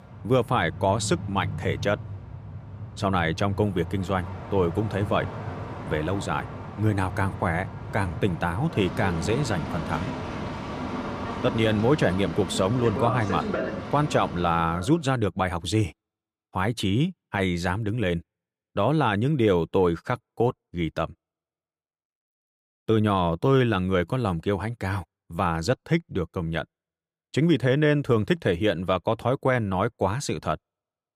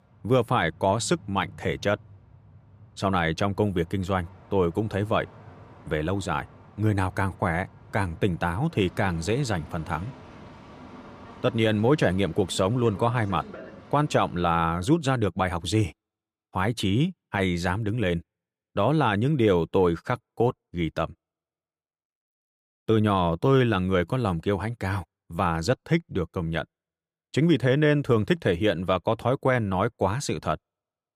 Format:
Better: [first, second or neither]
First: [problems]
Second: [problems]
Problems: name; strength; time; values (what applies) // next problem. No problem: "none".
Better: second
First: train or aircraft noise; loud; until 14 s; 9 dB below the speech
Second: train or aircraft noise; faint; until 14 s; 20 dB below the speech